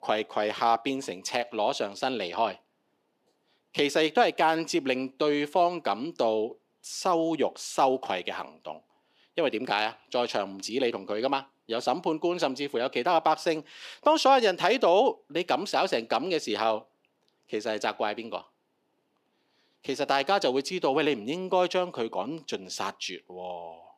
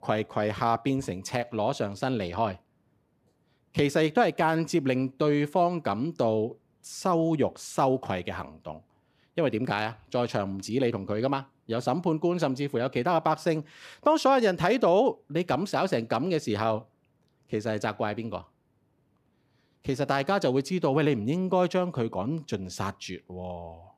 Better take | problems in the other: second | thin; very slightly; fading below 350 Hz

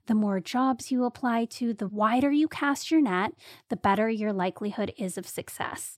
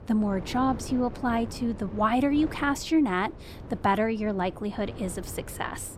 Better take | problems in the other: first | wind noise on the microphone; occasional gusts; 15 dB below the speech

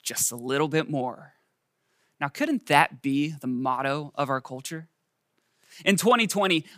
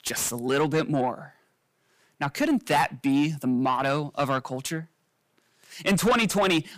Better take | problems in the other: first | distortion; heavy; 7 dB below the speech

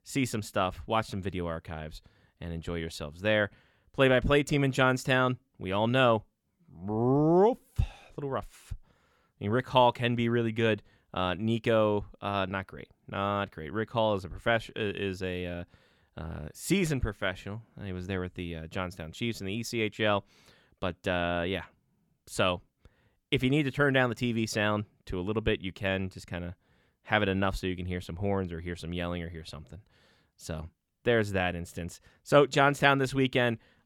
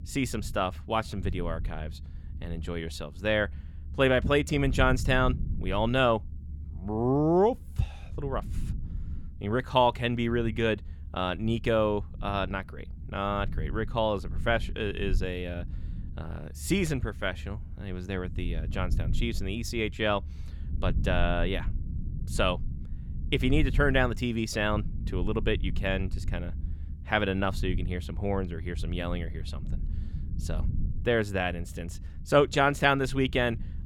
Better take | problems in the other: first | low rumble; faint; throughout; 25 dB below the speech

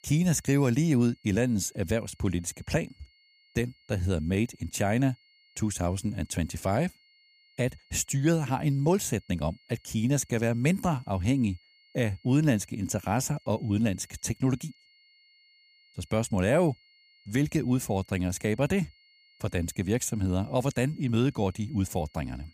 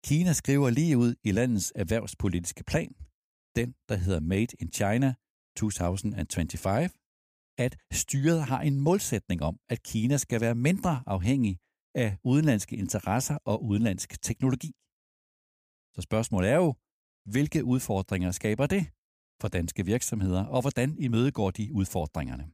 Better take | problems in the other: second | high-pitched whine; faint; throughout; 2 kHz, 30 dB below the speech

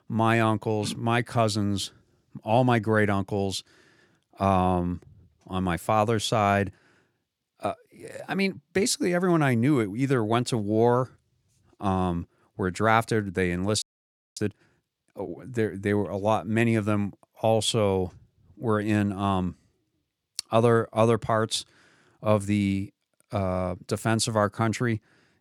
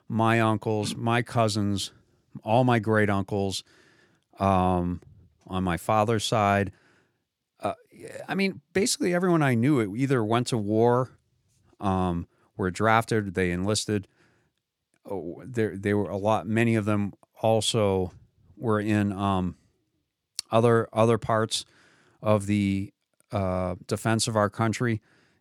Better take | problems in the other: second | audio freezing; at 14 s for 0.5 s

